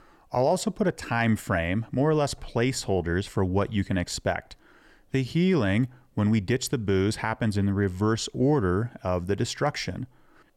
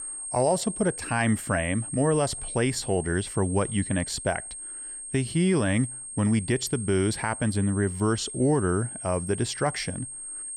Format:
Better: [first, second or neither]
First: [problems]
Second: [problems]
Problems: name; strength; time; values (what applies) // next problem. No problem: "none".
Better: first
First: none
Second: high-pitched whine; loud; throughout; 8.5 kHz, 8 dB below the speech